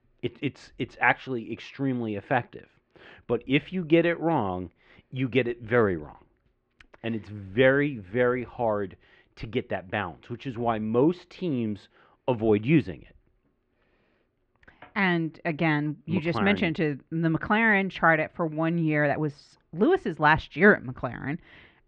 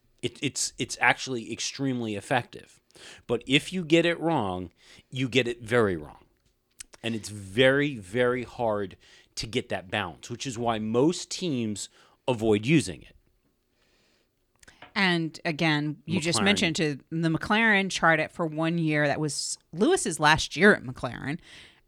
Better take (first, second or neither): second